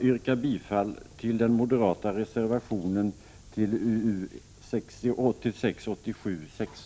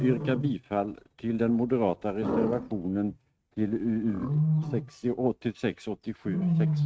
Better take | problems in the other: first | noise reduction (neural mask model RNNoise)

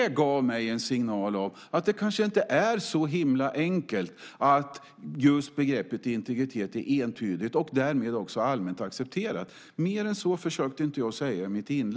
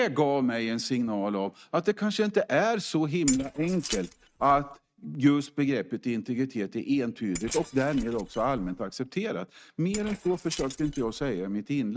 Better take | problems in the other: first | noise reduction (neural mask model RNNoise)

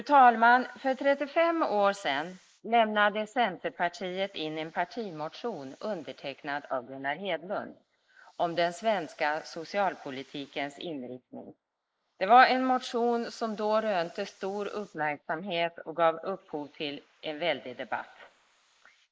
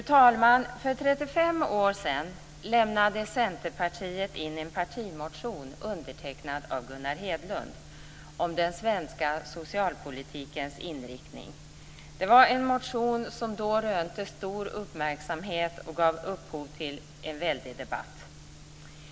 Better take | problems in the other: second | noise reduction (neural mask model Resemble Enhance denoiser)

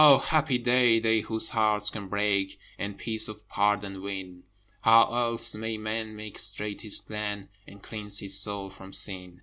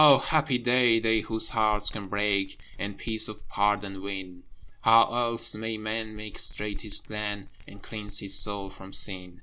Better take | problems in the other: first | background sound (Bell); 11 dB below the speech

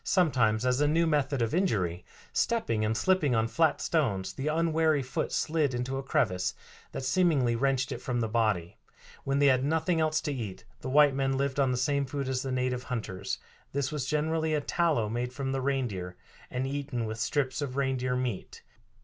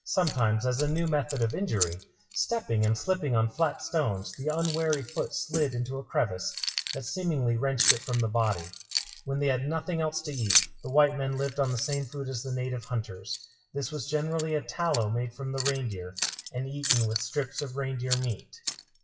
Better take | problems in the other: first | noise reduction (classical method WPE with log-MMSE)

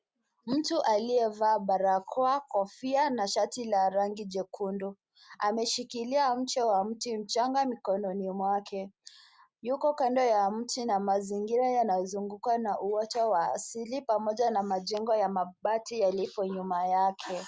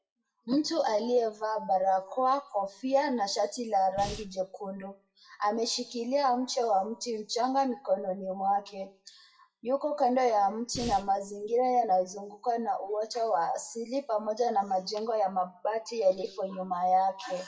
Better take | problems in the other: first | noise reduction (classical method WPE with log-MMSE)

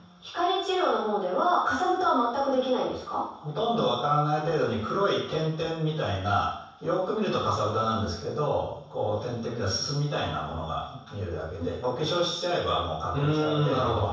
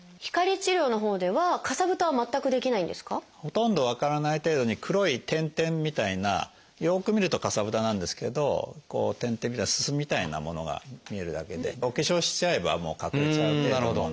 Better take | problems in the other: second | room echo; dies away in 0.7 s

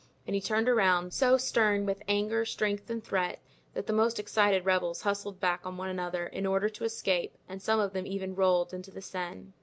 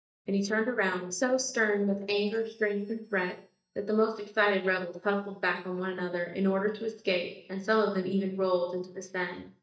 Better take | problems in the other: first | noise reduction (neural mask model DeepFilterNet 3)

